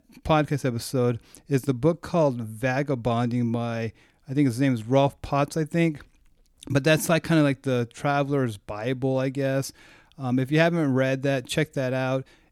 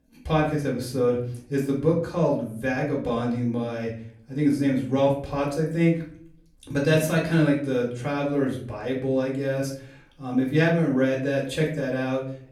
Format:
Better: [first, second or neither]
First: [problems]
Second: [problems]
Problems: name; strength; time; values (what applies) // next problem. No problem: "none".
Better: first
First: none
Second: off-mic speech; far // room echo; slight; dies away in 0.5 s